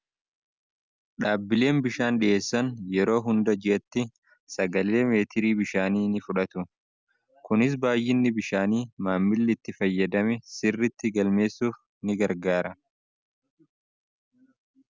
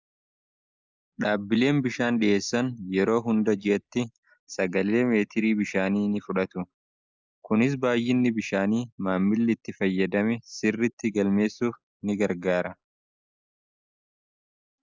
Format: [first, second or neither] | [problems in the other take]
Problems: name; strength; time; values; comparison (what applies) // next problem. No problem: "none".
first | noise reduction (neural mask model Resemble Enhance denoiser)